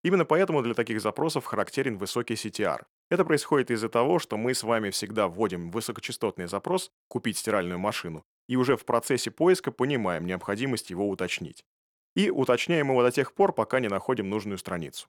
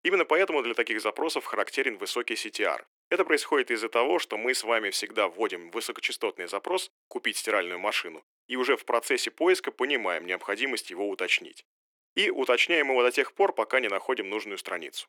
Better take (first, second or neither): first